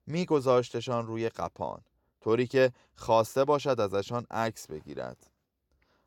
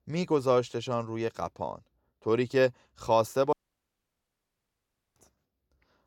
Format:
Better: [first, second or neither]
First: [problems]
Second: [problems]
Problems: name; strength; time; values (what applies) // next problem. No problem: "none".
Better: first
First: none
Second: audio cutting out; at 3.5 s for 1.5 s